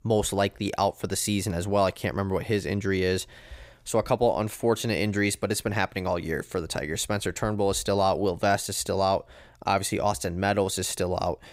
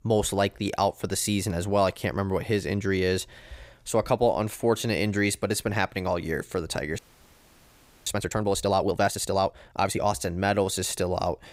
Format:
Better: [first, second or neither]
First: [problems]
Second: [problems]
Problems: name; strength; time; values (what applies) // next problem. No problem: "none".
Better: first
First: none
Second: audio freezing; at 7 s for 1 s